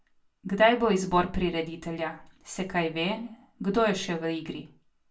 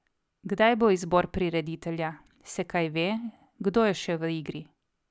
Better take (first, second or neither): second